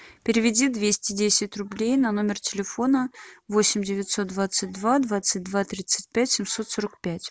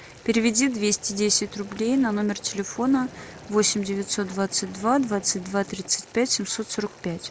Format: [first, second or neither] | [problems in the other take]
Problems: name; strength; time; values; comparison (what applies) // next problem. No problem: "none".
first | background sound (Vehicle + Boiling); 20 dB below the speech